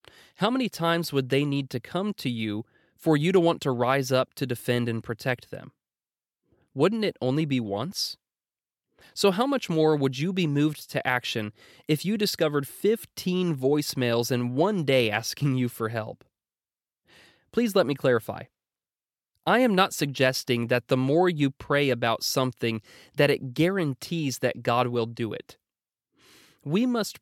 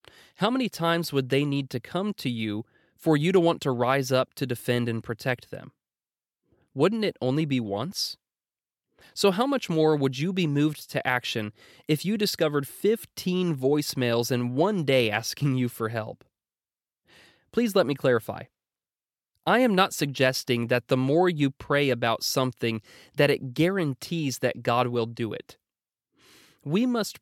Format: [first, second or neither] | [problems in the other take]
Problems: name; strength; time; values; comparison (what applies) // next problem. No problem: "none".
neither | none